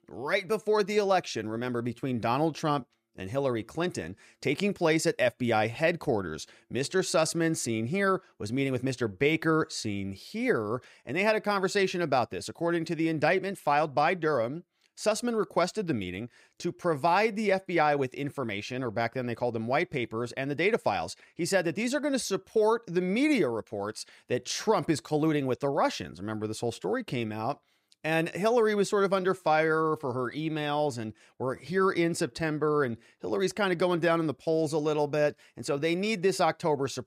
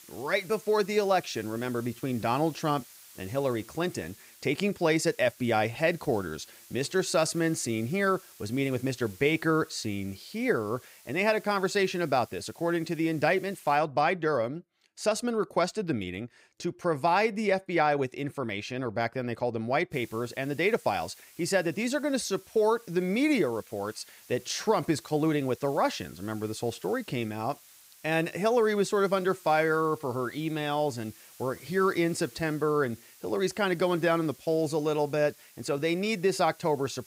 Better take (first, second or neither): first